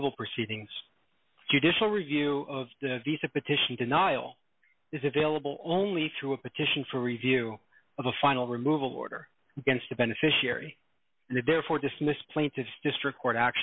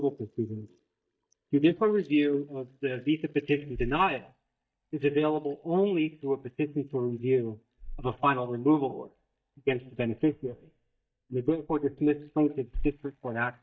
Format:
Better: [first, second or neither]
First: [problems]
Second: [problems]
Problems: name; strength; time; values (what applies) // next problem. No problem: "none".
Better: first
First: none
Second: noise reduction (neural mask model DeepFilterNet 3)